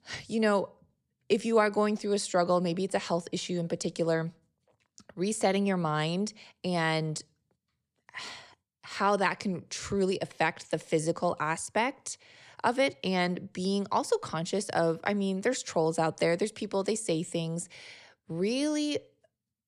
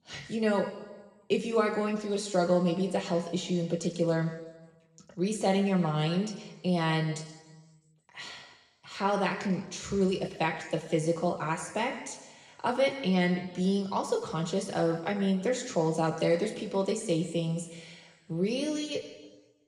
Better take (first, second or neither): first